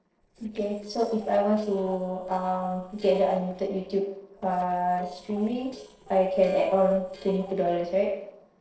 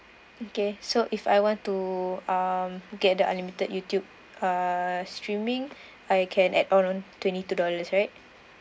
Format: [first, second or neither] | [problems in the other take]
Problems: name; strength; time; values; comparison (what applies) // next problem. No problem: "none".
second | noise reduction (neural separator model SepFormer DNS4)